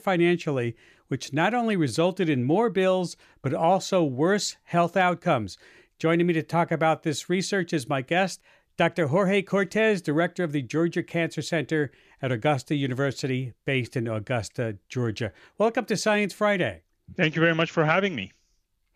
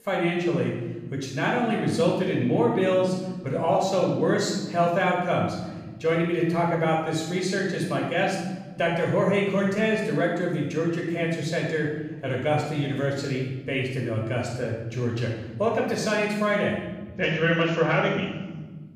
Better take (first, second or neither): first